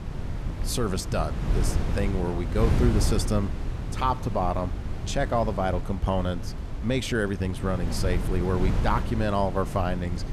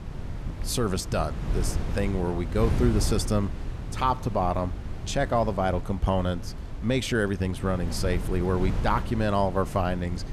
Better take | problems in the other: second | wind noise on the microphone; heavy; 10 dB below the speech; occasional gusts in the second

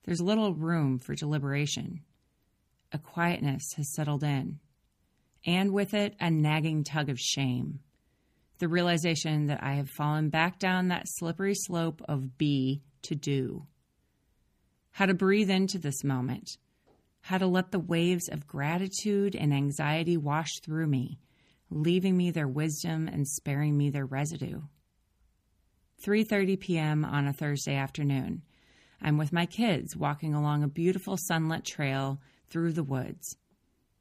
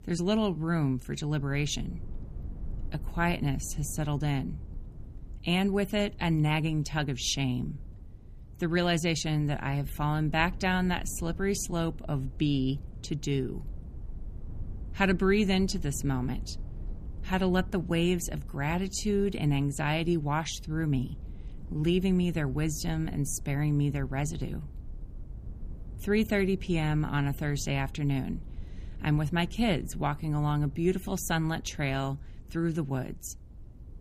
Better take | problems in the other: first | low rumble; faint; throughout; 25 dB below the speech

